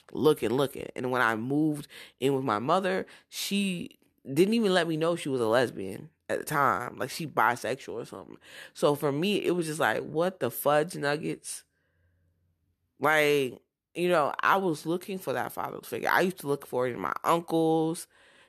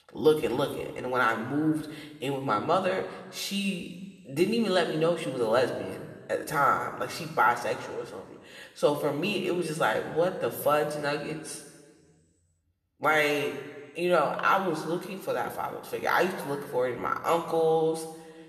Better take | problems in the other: first | room echo; slight; dies away in 1.3 s // off-mic speech; somewhat distant

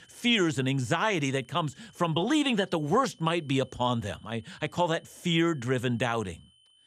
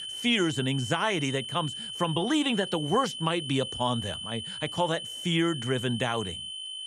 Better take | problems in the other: first | high-pitched whine; loud; throughout; 3 kHz, 7 dB below the speech; faint in the first

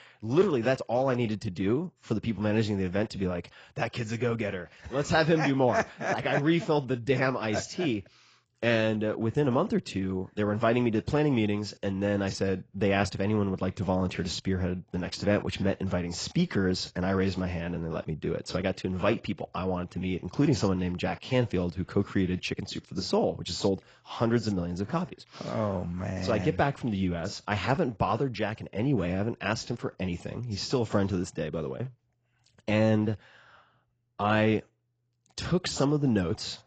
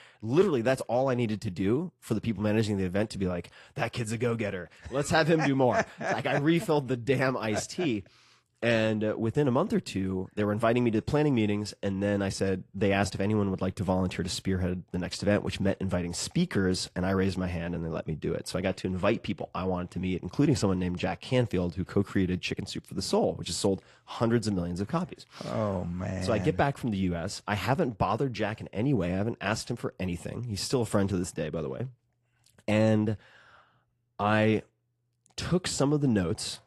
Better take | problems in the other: second | garbled, watery; badly; nothing above 7.5 kHz; slightly in the second

